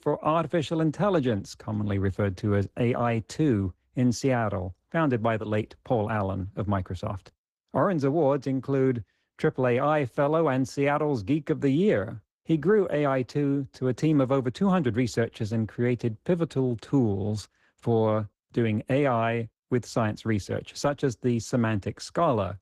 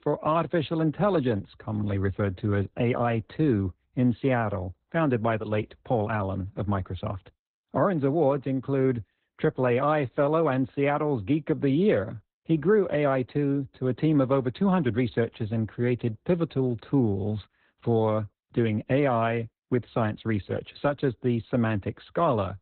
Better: first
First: garbled, watery; slightly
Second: garbled, watery; badly; nothing above 4 kHz

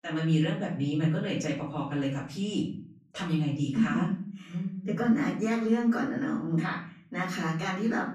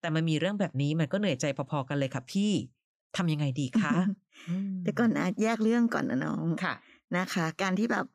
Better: second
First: off-mic speech; far // room echo; slight; dies away in 0.5 s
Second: none

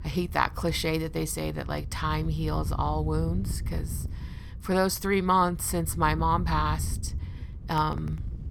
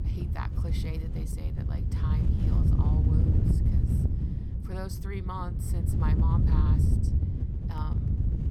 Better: first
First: wind noise on the microphone; occasional gusts; 20 dB below the speech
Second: wind noise on the microphone; heavy; 1 dB above the speech

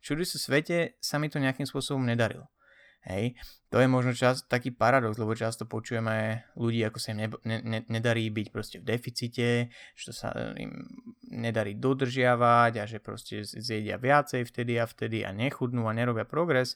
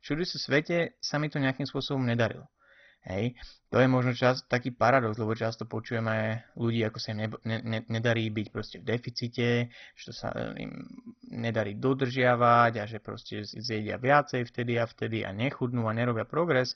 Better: first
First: none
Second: garbled, watery; badly; nothing above 6 kHz

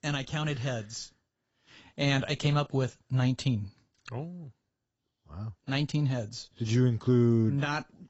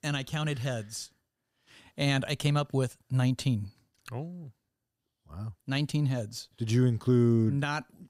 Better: second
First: garbled, watery; badly; nothing above 7.5 kHz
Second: none

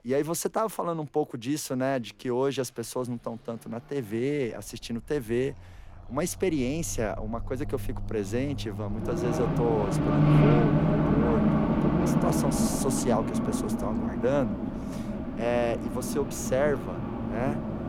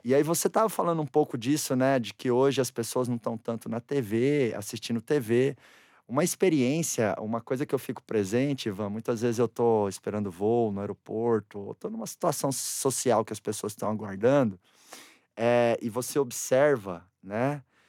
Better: second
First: traffic noise; very loud; throughout; 3 dB above the speech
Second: none

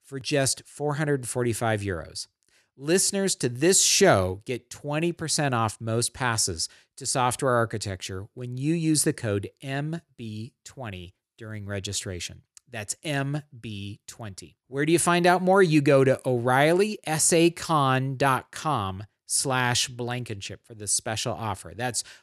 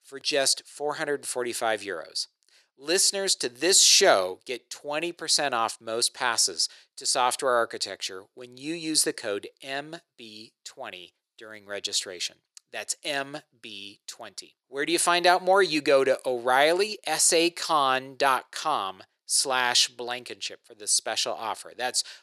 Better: first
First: none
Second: thin; very; fading below 500 Hz

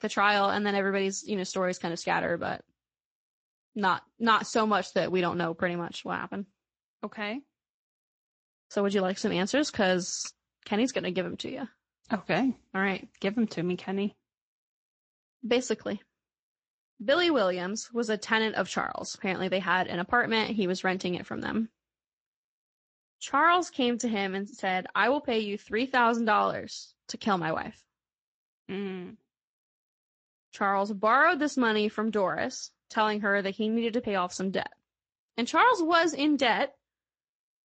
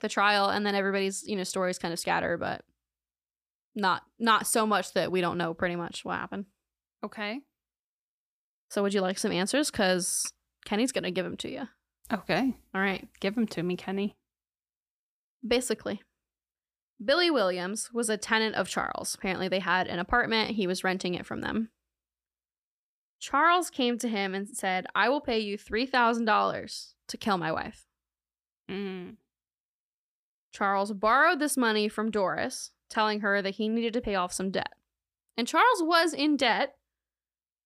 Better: second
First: garbled, watery; slightly; nothing above 7.5 kHz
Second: none

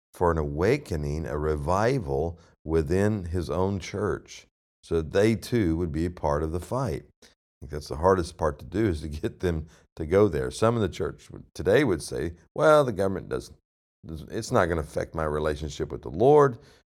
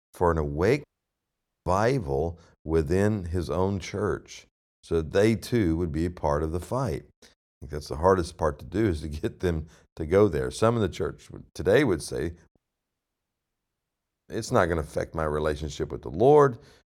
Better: first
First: none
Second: audio cutting out; at 1 s for 1 s and at 13 s for 1.5 s

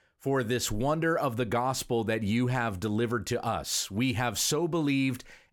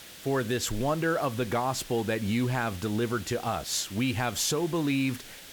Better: first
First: none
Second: hiss; noticeable; throughout; 15 dB below the speech

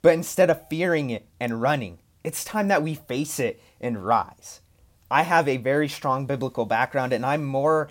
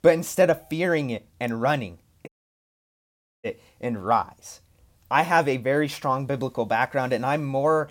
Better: first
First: none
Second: audio cutting out; at 2.5 s for 1 s

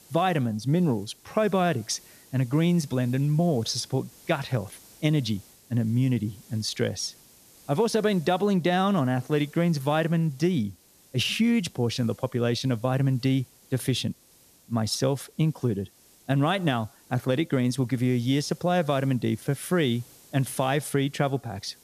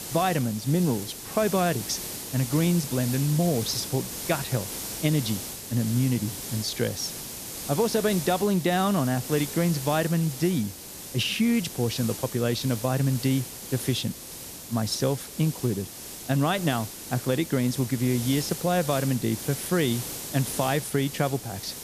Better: first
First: hiss; faint; throughout; 25 dB below the speech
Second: hiss; loud; throughout; 8 dB below the speech

